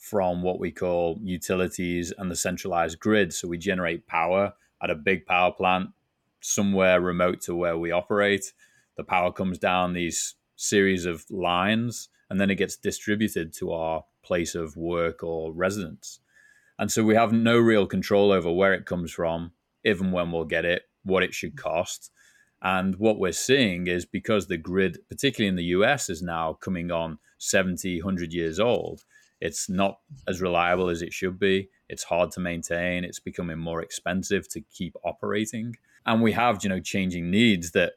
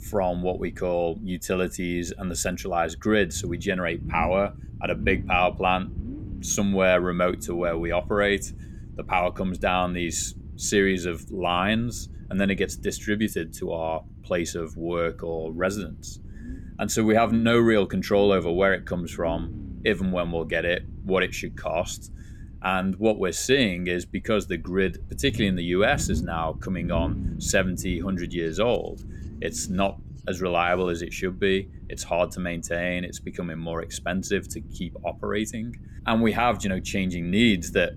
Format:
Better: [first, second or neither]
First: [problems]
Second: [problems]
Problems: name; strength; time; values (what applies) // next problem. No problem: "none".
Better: first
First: none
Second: low rumble; faint; throughout; 20 dB below the speech